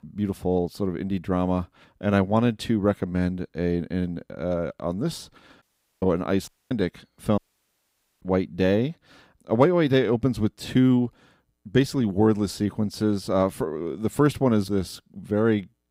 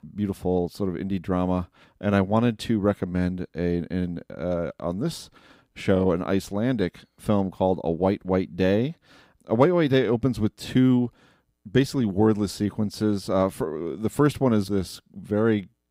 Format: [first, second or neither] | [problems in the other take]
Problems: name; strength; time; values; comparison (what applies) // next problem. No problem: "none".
second | audio cutting out; at 5.5 s, at 6.5 s and at 7.5 s for 1 s